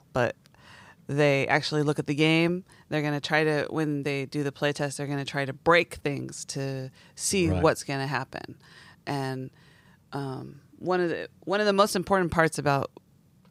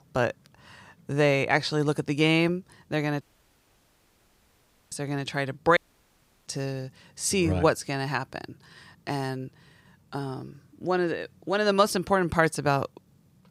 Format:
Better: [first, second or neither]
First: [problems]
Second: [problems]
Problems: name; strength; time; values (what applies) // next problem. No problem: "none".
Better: first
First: none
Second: audio cutting out; at 3 s for 1.5 s and at 6 s for 0.5 s